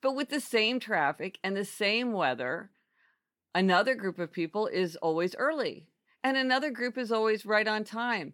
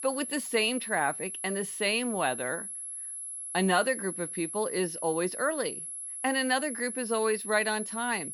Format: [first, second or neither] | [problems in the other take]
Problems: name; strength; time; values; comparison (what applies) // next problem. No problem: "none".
first | high-pitched whine; loud; throughout; 11 kHz, 6 dB below the speech